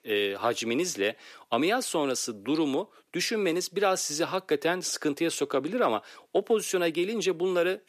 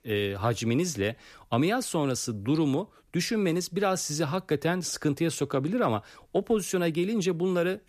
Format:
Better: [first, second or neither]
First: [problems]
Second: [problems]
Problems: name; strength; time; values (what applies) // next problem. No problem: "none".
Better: second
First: thin; somewhat; fading below 350 Hz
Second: none